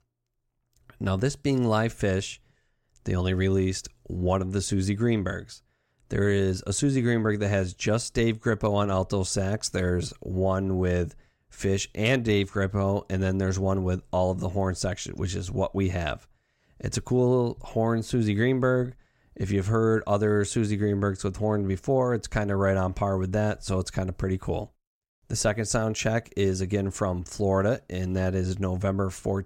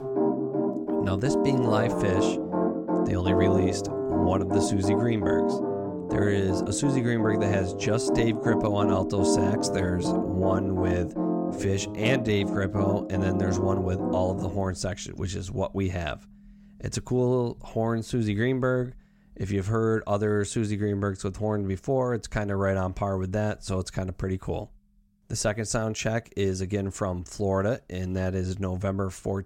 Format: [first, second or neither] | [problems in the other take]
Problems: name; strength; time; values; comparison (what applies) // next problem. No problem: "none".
first | background music; very loud; throughout; as loud as the speech